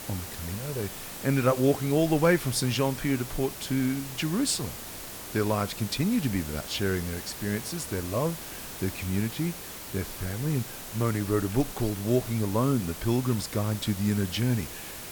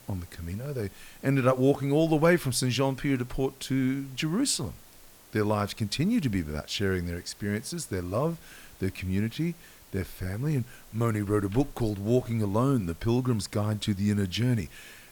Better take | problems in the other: second | hiss; loud; throughout; 9 dB below the speech; faint in the second

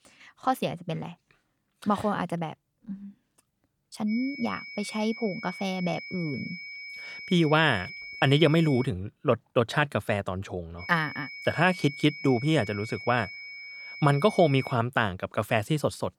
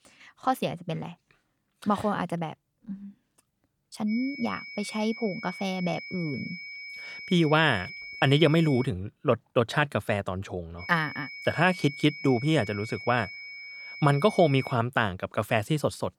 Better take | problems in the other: neither | high-pitched whine; noticeable; from 4 to 9 s and from 11 to 15 s; 2.5 kHz, 10 dB below the speech; the same in both

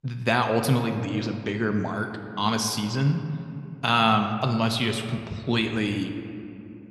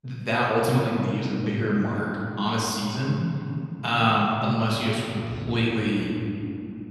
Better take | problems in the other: first | room echo; strong; dies away in 2.9 s; slight in the first // off-mic speech; far

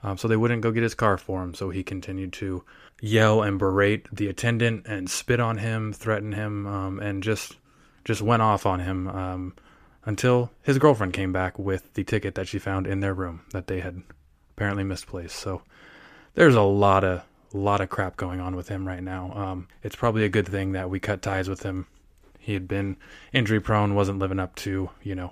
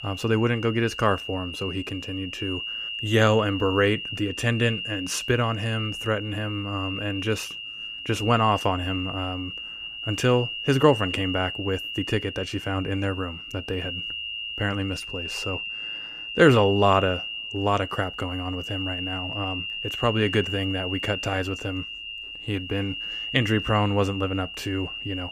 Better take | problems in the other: first | high-pitched whine; loud; throughout; 3 kHz, 6 dB below the speech

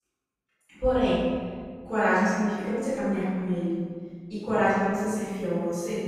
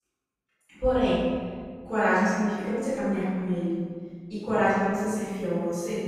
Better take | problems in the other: neither | off-mic speech; far; the same in both // room echo; strong; dies away in 1.8 s; the same in both

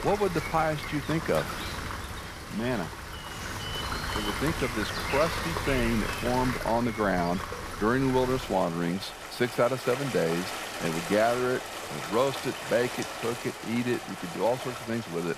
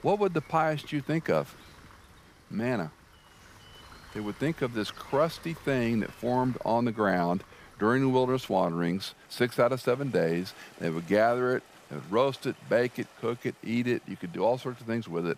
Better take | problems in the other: second | rain or running water; loud; throughout; 5 dB below the speech; faint in the second

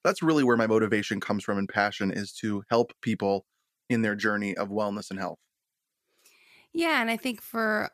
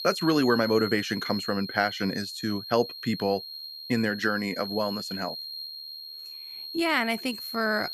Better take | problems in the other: first | high-pitched whine; loud; throughout; 4 kHz, 8 dB below the speech

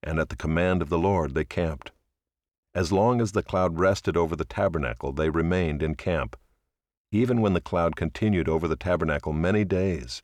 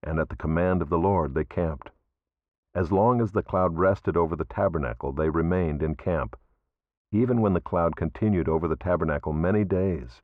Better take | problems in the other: first | muffled; very; fading above 3 kHz

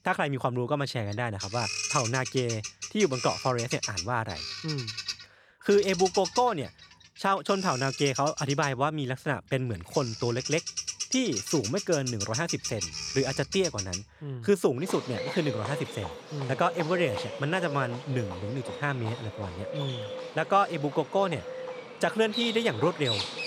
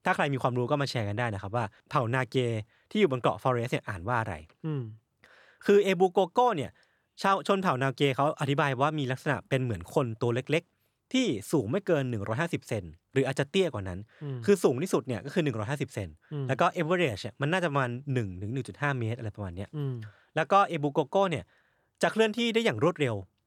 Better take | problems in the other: second | animal sounds; loud; throughout; 6 dB below the speech

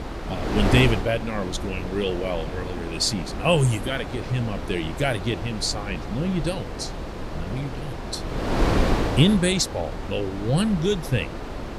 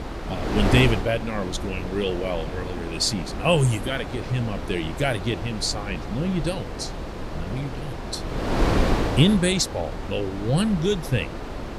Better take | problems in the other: neither | wind noise on the microphone; heavy; 5 dB below the speech; the same in both

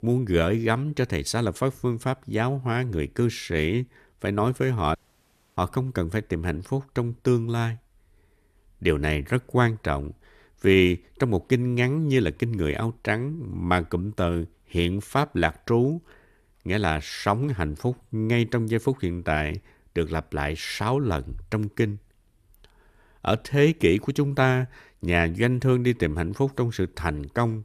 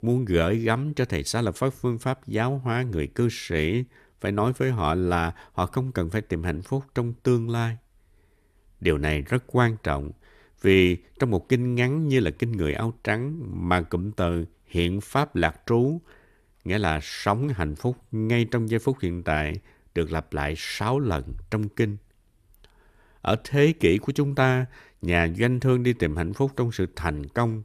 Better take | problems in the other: second | audio cutting out; at 5 s for 0.5 s

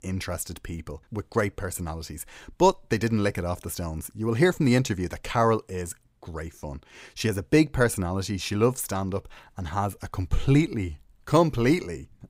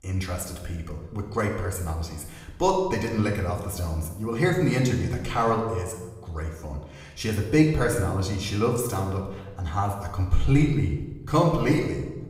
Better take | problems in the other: first | room echo; noticeable; dies away in 0.9 s // off-mic speech; far

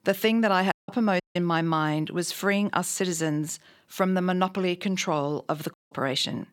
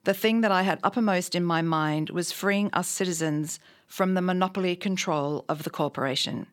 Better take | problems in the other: second | audio cutting out; at 0.5 s, at 1 s and at 5.5 s

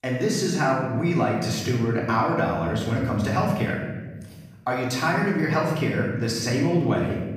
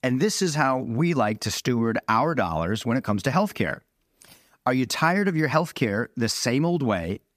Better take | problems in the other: second | off-mic speech; far // room echo; noticeable; dies away in 1.4 s

